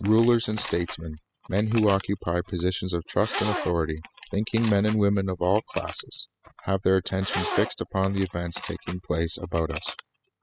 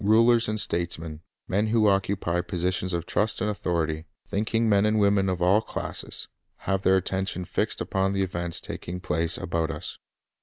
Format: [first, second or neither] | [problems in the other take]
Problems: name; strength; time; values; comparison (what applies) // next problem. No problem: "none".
second | noise reduction (classical method spectral subtraction)